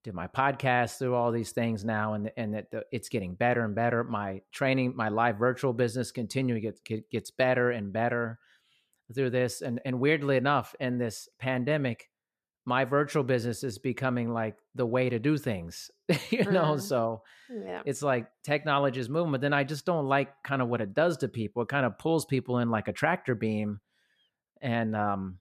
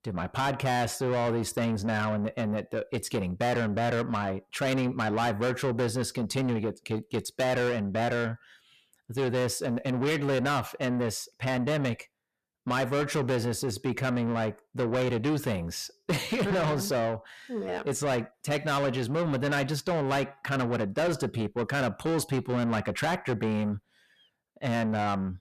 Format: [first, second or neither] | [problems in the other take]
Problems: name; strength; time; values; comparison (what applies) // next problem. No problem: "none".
first | distortion; heavy; 7 dB below the speech